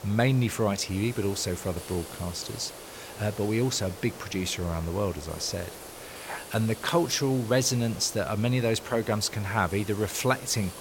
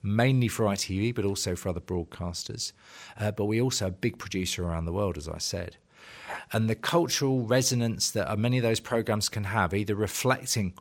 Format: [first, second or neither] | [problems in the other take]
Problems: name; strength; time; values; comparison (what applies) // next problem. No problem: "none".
second | hiss; noticeable; throughout; 15 dB below the speech